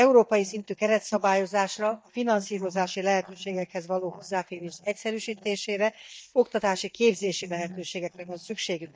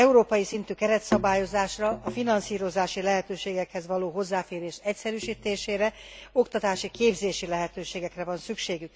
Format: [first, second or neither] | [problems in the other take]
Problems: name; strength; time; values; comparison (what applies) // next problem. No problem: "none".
second | noise reduction (neural mask model DeepFilterNet 3)